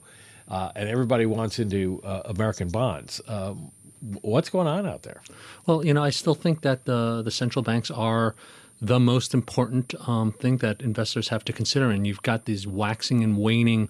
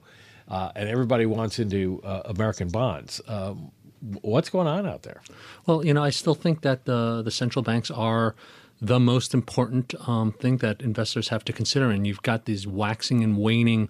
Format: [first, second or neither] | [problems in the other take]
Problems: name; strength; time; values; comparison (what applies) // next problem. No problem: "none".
second | high-pitched whine; faint; throughout; 9 kHz, 25 dB below the speech